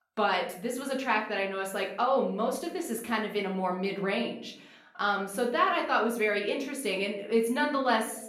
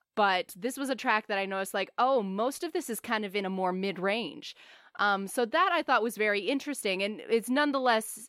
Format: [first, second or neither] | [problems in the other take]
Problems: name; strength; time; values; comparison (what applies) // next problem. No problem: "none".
second | room echo; slight; dies away in 0.5 s // off-mic speech; far